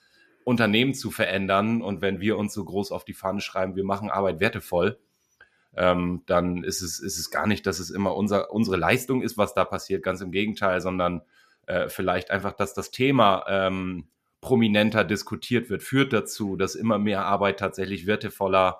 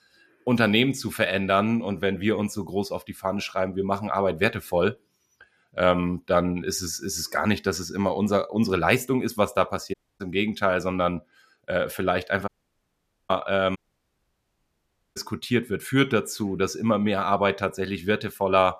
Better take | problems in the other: first | audio cutting out; at 10 s, at 12 s for 1 s and at 14 s for 1.5 s

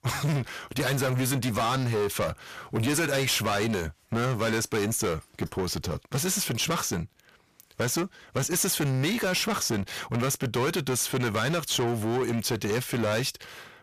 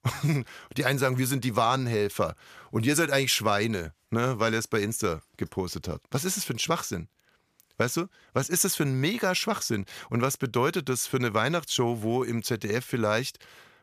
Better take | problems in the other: second | distortion; heavy; 6 dB below the speech

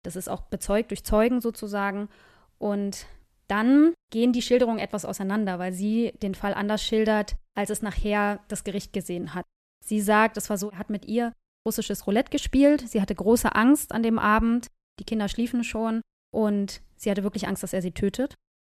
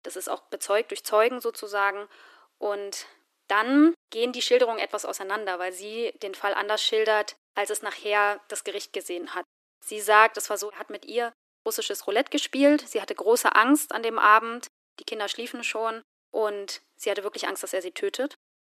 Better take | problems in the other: first | thin; somewhat; fading below 300 Hz

